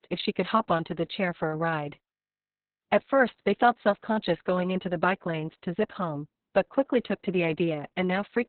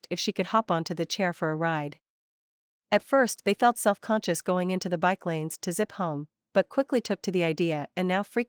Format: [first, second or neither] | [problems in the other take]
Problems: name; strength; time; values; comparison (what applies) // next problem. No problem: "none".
second | garbled, watery; badly; nothing above 4 kHz; slightly in the second